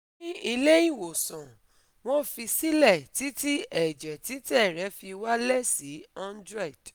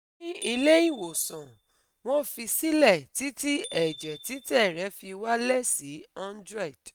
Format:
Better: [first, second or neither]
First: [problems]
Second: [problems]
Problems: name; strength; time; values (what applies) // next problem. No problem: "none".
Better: first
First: none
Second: noise reduction (neural mask model RNNoise)